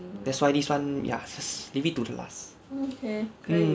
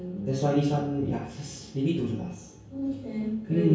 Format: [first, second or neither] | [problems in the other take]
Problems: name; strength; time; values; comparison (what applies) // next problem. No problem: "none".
first | room echo; dies away in 0.6 s